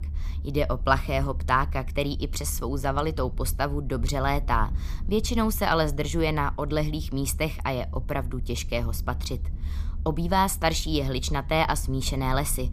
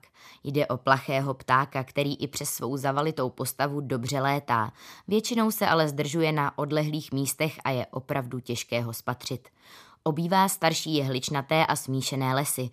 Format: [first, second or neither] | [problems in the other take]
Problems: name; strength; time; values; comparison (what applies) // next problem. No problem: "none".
second | low rumble; faint; throughout; 25 dB below the speech